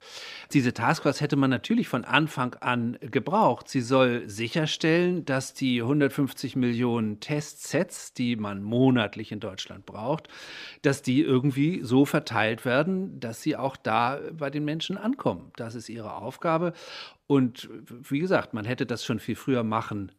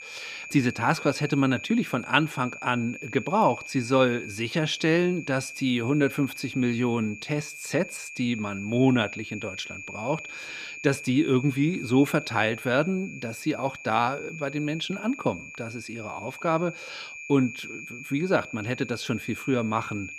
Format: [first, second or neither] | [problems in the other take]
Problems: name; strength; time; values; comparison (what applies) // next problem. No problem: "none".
first | high-pitched whine; noticeable; throughout; 2.5 kHz, 10 dB below the speech